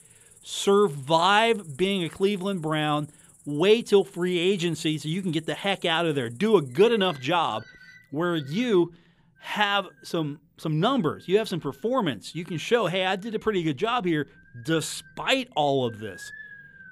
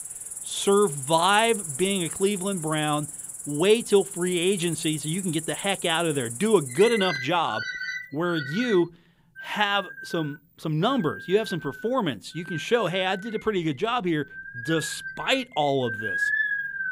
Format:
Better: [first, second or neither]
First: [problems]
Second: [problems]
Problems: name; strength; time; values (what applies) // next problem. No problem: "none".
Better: first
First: animal sounds; faint; throughout; 25 dB below the speech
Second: animal sounds; loud; throughout; 7 dB below the speech